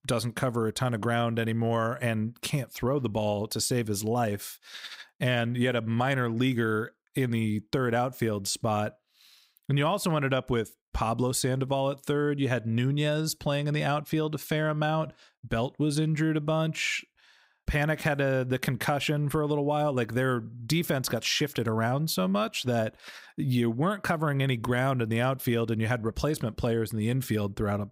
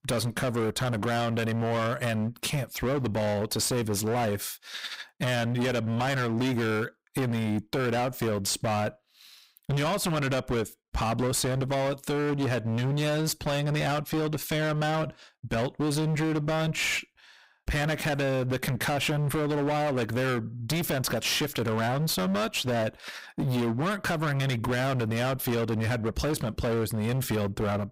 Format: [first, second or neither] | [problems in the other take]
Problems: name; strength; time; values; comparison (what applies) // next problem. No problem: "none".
first | distortion; heavy; 31% of the sound clipped